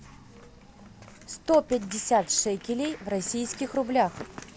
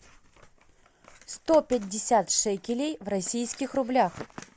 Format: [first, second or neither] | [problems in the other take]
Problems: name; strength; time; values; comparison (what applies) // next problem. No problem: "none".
second | background sound (Applause); 20 dB below the speech